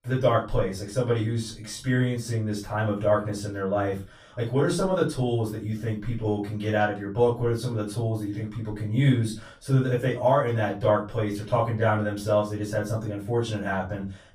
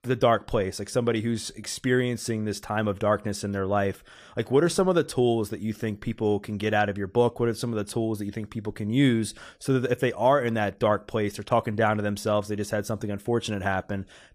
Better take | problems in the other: second | room echo; slight; dies away in 0.3 s // off-mic speech; far

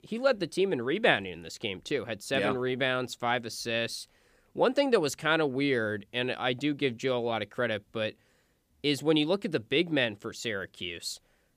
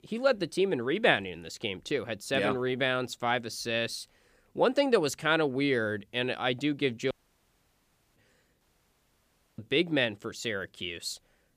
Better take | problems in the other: first | audio cutting out; at 7 s for 1 s and at 8.5 s for 1 s

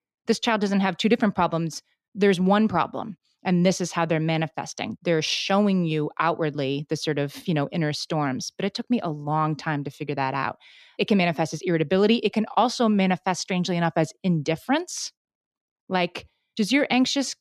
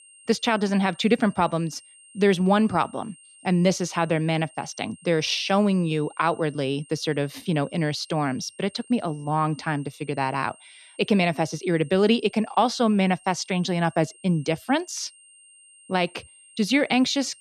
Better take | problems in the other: first | high-pitched whine; faint; throughout; 8.5 kHz, 25 dB below the speech

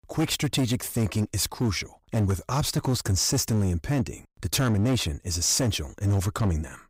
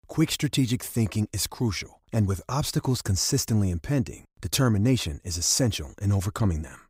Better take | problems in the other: second | distortion; slight; 12% of the sound clipped

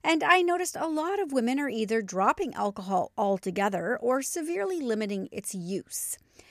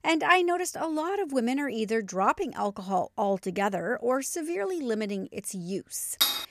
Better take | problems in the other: first | clattering dishes; very faint; at 6 s; peak 4 dB above the speech

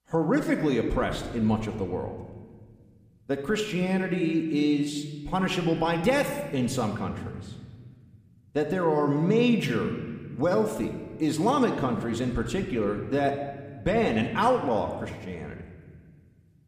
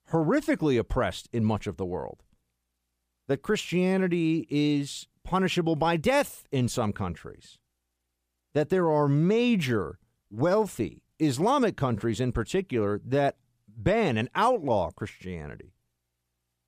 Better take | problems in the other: second | room echo; slight; dies away in 1.4 s

